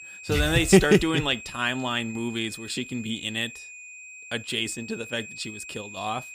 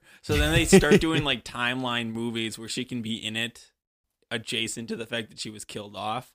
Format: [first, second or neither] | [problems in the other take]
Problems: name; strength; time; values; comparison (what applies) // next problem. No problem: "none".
second | high-pitched whine; noticeable; throughout; 2.5 kHz, 15 dB below the speech